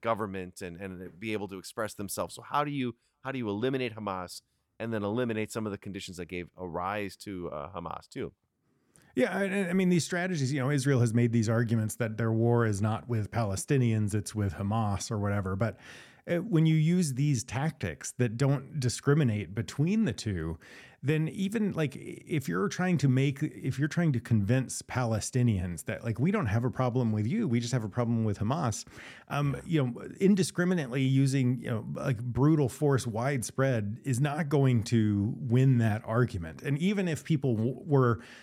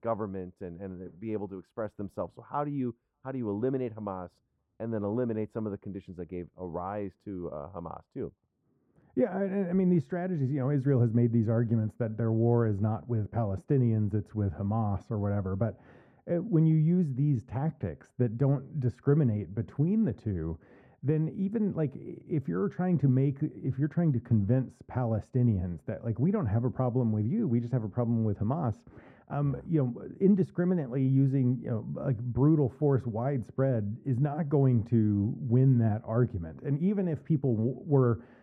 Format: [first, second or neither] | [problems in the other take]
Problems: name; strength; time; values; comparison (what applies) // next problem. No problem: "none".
first | muffled; very; fading above 2 kHz